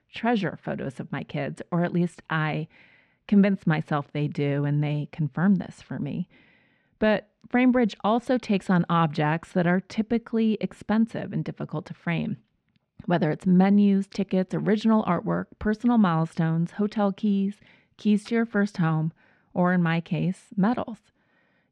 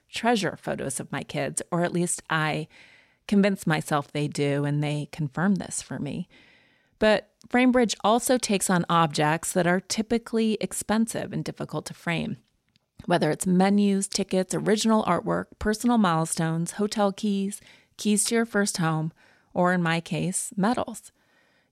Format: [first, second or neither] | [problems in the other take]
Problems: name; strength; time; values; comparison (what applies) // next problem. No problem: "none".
second | muffled; slightly; fading above 2.5 kHz